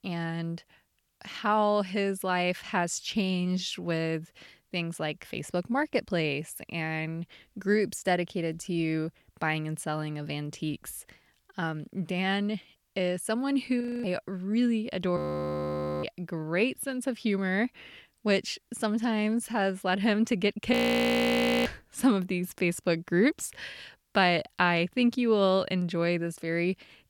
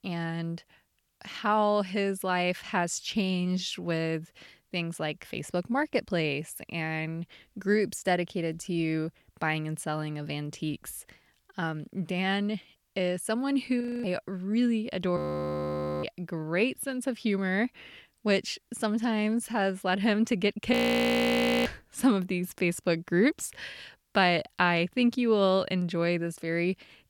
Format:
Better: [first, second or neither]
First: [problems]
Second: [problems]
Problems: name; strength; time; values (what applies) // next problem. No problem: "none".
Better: neither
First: audio freezing; at 14 s, at 15 s for 1 s and at 21 s for 1 s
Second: audio freezing; at 14 s, at 15 s for 1 s and at 21 s for 1 s